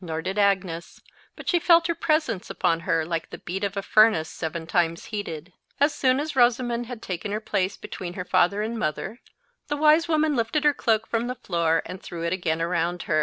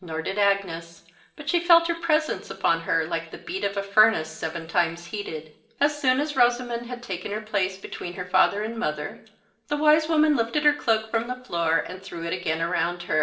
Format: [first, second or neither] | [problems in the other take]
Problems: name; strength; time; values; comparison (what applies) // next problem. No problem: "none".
first | room echo; dies away in 0.5 s